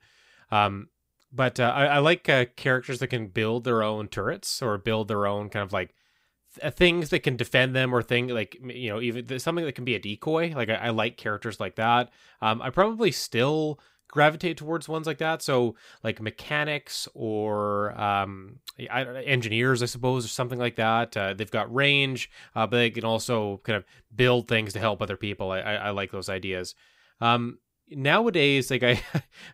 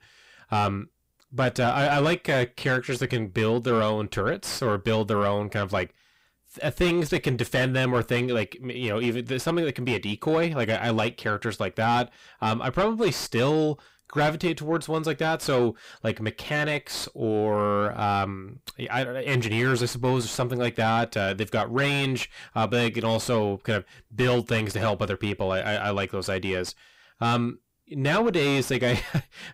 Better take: first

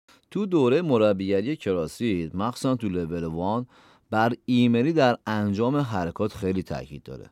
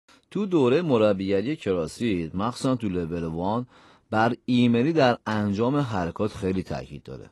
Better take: first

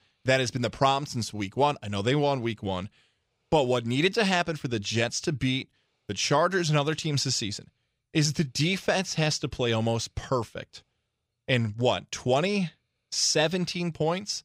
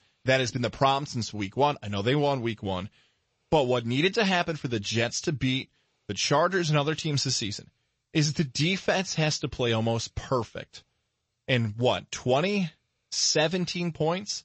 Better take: first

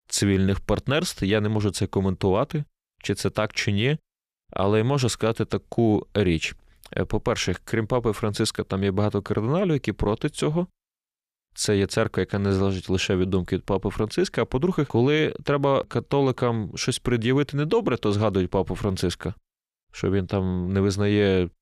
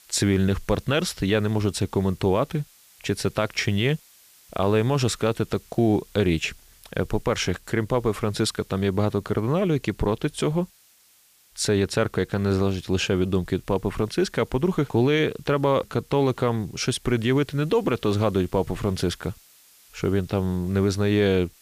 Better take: first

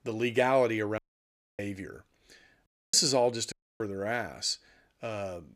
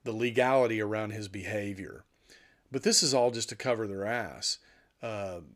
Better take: second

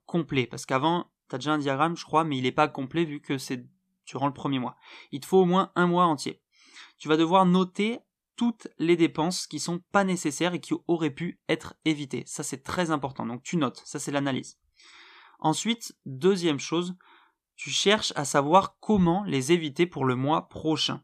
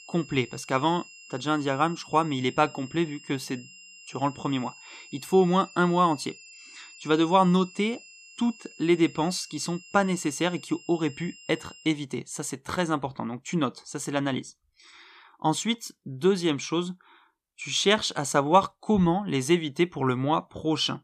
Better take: first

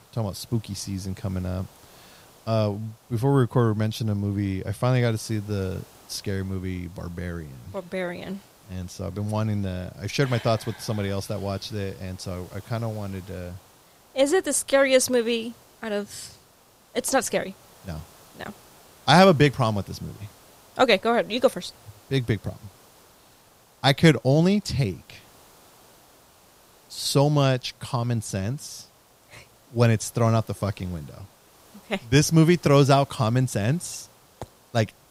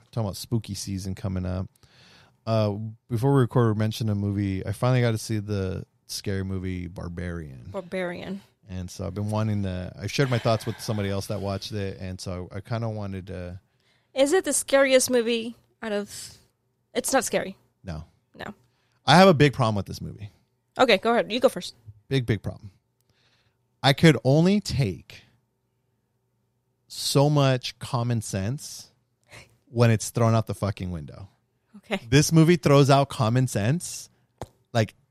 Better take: second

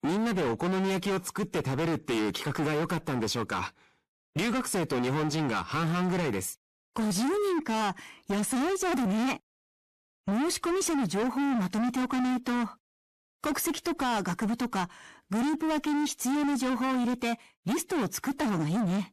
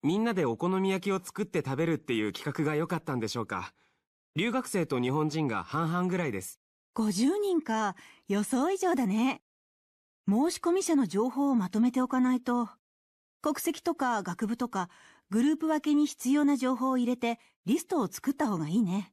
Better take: second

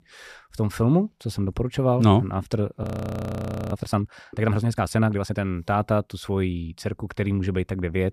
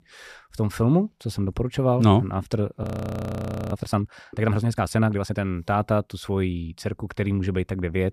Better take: neither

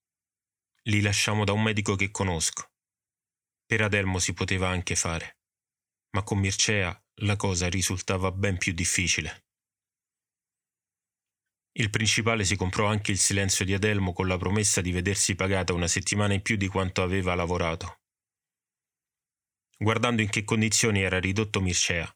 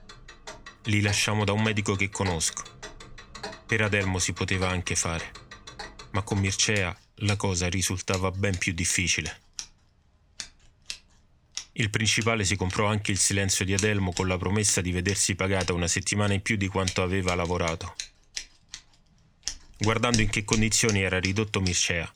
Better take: first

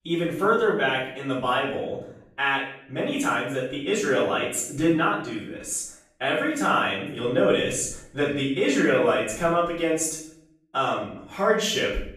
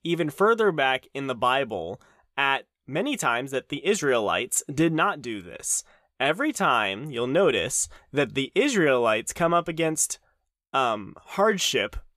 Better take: second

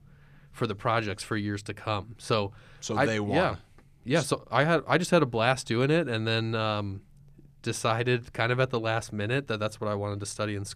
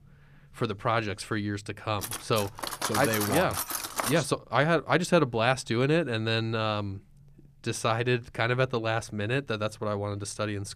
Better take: first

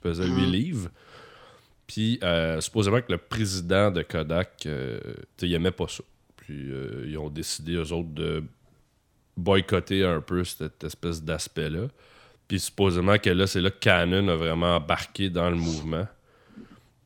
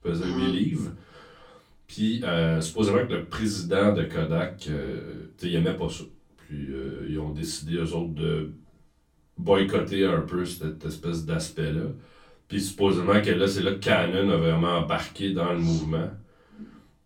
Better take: first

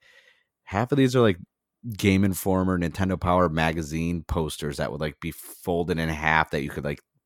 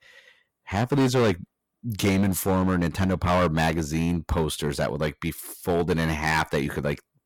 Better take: first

